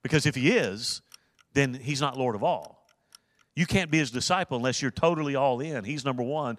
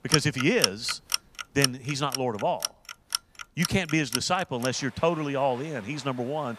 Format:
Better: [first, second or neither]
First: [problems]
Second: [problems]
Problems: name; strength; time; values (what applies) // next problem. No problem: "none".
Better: first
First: household noises; faint; throughout; 30 dB below the speech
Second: household noises; loud; throughout; 3 dB below the speech